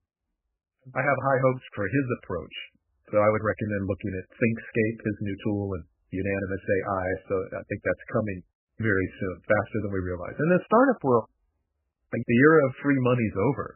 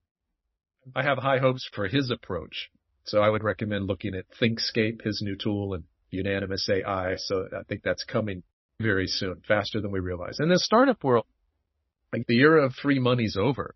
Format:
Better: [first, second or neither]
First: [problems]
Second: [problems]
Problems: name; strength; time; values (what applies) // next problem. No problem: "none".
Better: second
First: garbled, watery; badly; nothing above 3 kHz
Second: garbled, watery; slightly; nothing above 5.5 kHz